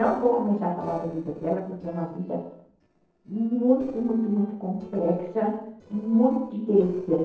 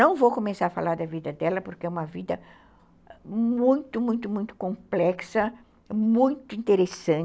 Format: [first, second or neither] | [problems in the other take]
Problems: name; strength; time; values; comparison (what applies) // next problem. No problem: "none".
second | noise reduction (neural separator model SepFormer DNS4)